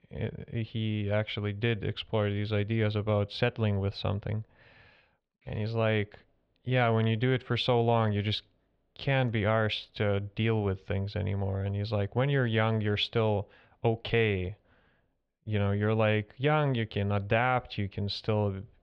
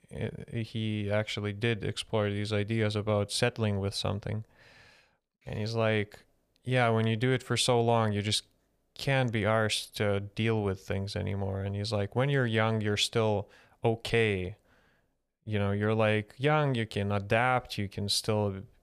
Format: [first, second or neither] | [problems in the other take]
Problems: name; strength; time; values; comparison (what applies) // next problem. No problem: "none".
second | muffled; slightly; fading above 3.5 kHz